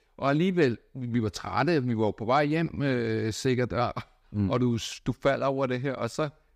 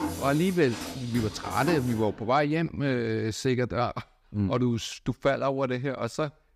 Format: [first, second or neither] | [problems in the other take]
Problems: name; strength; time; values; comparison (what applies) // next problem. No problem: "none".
first | machinery noise; loud; until 2 s; 9 dB below the speech